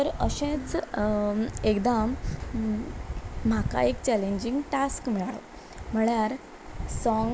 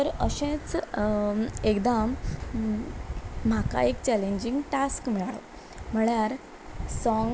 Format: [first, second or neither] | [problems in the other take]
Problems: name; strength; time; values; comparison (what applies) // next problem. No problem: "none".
second | background sound (Bowed string instrument); 18 dB below the speech